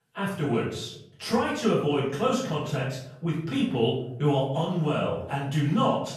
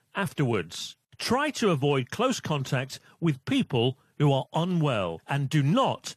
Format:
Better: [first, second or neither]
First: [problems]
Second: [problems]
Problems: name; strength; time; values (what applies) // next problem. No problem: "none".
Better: second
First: off-mic speech; far // room echo; noticeable; dies away in 0.6 s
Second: none